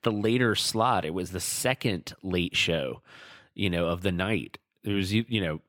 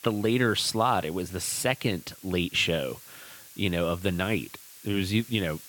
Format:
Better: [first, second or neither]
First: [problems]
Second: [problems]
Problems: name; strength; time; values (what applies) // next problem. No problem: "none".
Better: first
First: none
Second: hiss; noticeable; throughout; 20 dB below the speech